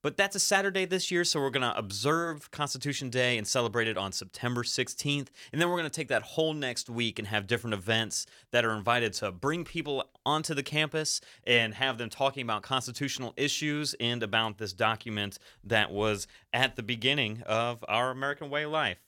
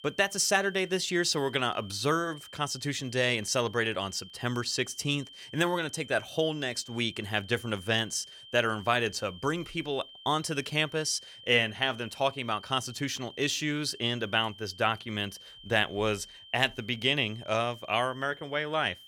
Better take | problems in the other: first | high-pitched whine; noticeable; throughout; 3 kHz, 20 dB below the speech

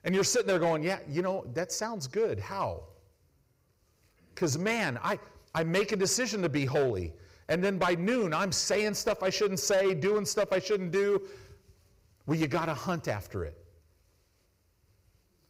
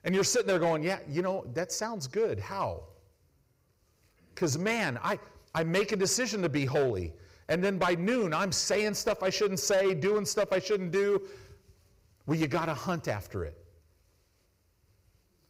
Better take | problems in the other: neither | distortion; slight; 6% of the sound clipped; the same in both

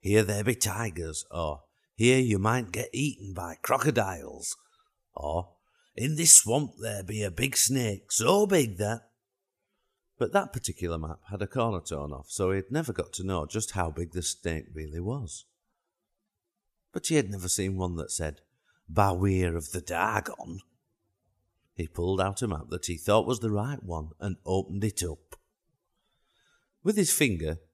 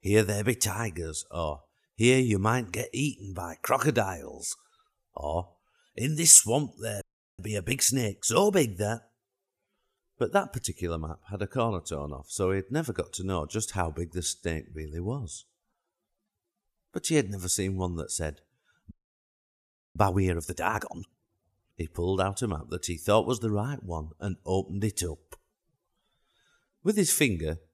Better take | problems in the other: first | audio freezing; at 7 s and at 19 s for 1 s

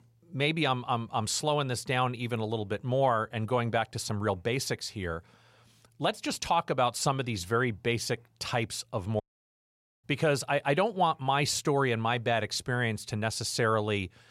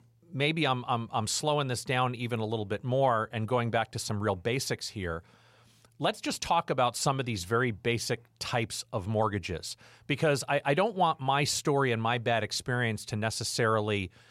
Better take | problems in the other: second | audio cutting out; at 9 s for 1 s

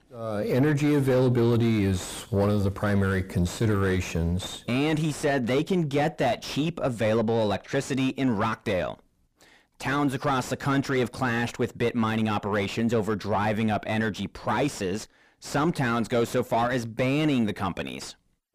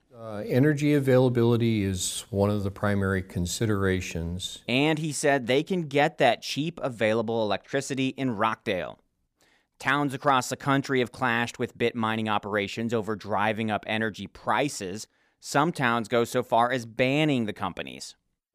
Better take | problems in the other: second | distortion; heavy; 6 dB below the speech

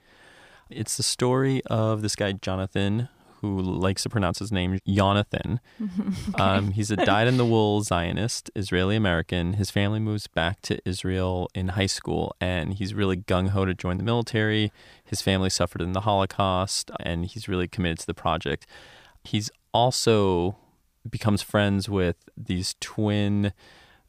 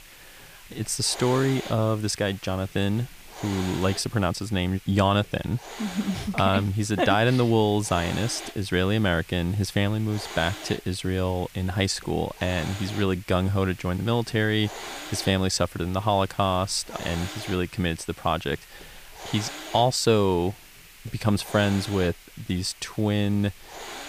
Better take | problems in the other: first | hiss; noticeable; throughout; 15 dB below the speech

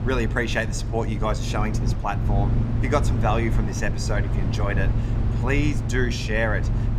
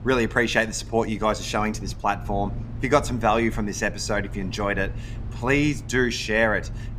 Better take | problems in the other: second | low rumble; loud; throughout; 9 dB below the speech; faint in the second

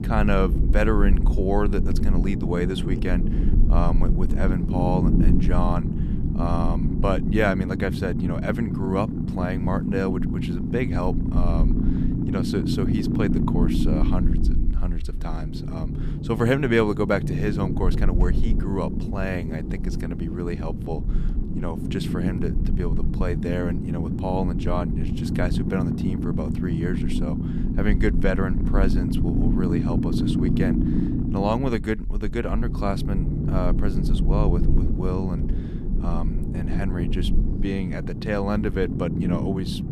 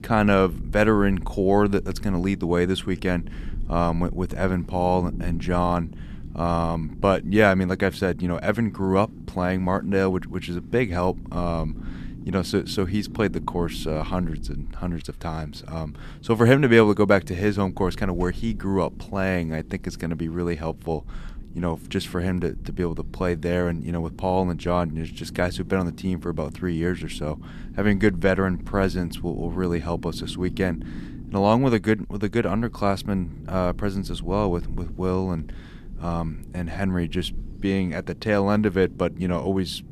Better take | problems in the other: second | low rumble; loud; throughout; 4 dB below the speech; faint in the second

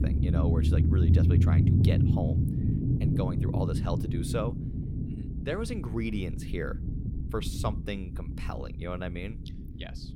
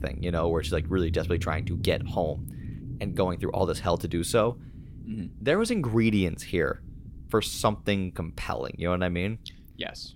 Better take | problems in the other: second | low rumble; loud; throughout; 1 dB below the speech; faint in the second

